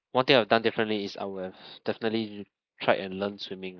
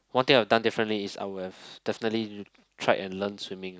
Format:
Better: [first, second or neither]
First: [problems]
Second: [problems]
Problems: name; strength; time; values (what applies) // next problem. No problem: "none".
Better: second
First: noise reduction (neural mask model Resemble Enhance denoiser)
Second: none